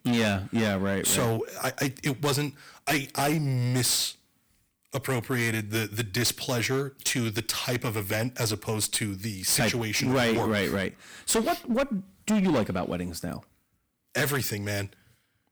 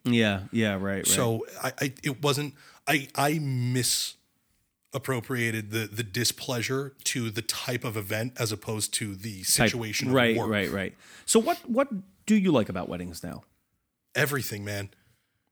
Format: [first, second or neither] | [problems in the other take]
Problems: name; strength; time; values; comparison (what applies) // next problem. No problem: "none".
second | distortion; heavy; 11% of the sound clipped